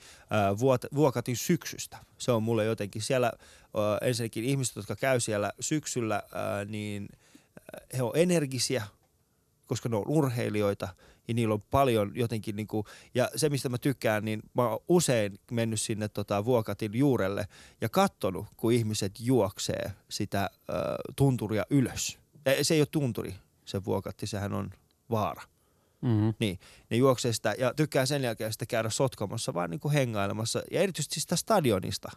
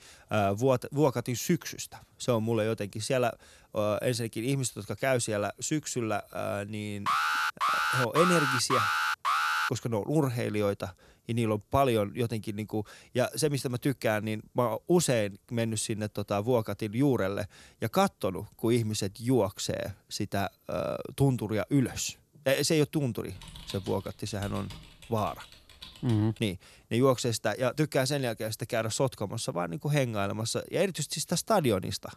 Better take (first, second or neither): first